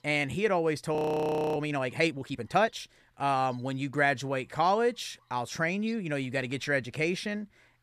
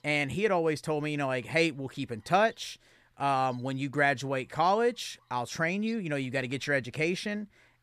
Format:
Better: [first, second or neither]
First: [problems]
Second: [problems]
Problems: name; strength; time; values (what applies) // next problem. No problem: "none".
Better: second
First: audio freezing; at 1 s for 0.5 s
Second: none